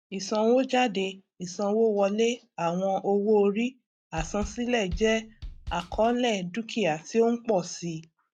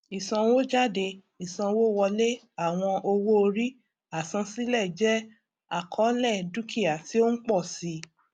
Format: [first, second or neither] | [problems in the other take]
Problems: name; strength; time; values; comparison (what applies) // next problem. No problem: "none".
second | noise reduction (neural mask model DeepFilterNet 3)